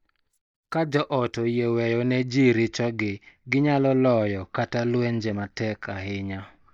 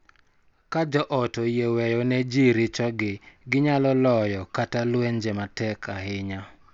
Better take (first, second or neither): second